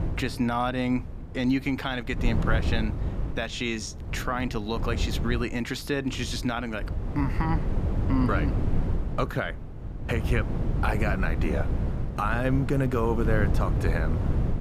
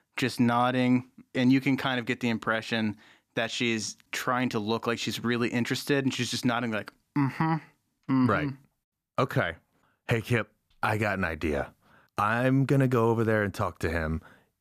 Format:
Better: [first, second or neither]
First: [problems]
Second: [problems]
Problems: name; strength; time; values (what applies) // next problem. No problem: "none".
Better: second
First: wind noise on the microphone; heavy; 9 dB below the speech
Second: none